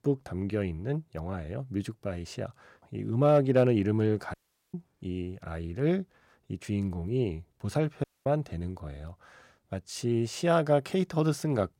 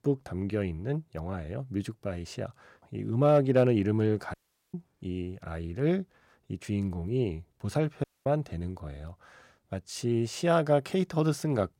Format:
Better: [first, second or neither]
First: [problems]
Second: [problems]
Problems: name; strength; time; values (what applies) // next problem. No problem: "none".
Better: neither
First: audio cutting out; at 4.5 s and at 8 s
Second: audio cutting out; at 4.5 s and at 8 s